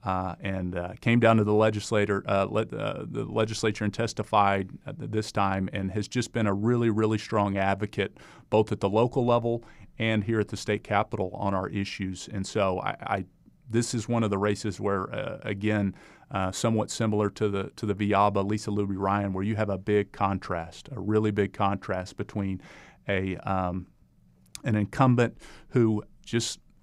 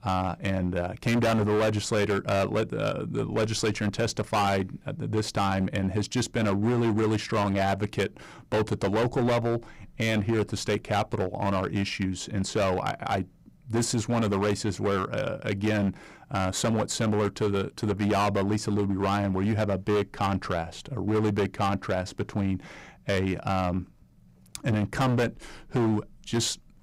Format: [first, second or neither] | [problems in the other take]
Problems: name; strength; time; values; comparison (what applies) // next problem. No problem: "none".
first | distortion; heavy; 15% of the sound clipped